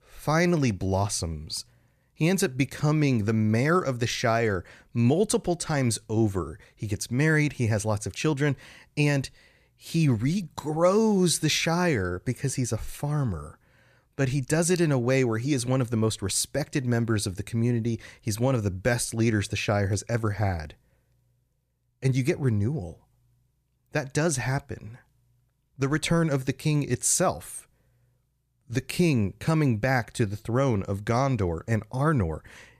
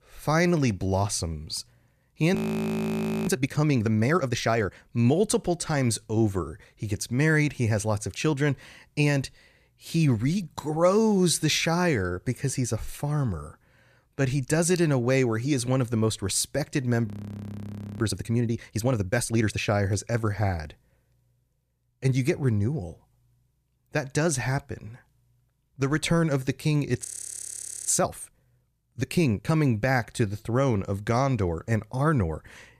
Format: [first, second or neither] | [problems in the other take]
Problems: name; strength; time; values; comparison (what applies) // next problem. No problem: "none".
first | audio freezing; at 2.5 s for 1 s, at 17 s for 1 s and at 27 s for 1 s